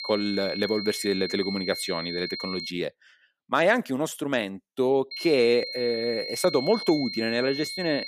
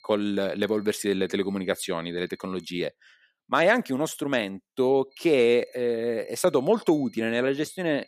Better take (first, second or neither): second